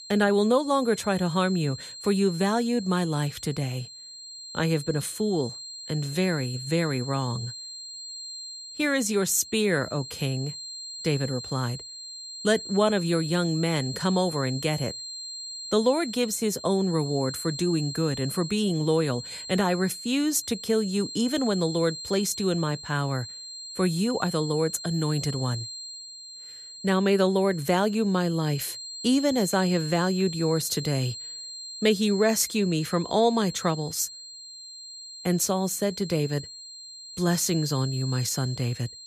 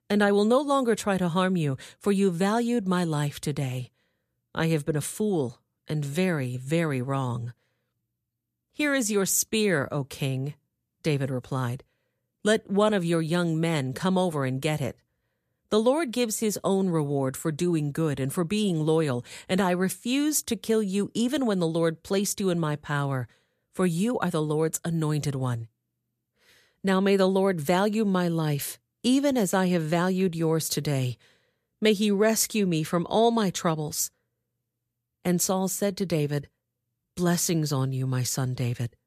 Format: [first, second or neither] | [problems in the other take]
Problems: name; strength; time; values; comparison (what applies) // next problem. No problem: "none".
second | high-pitched whine; noticeable; throughout; 4 kHz, 10 dB below the speech